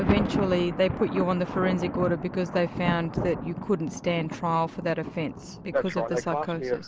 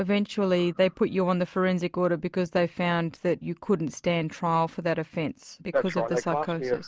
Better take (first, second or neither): second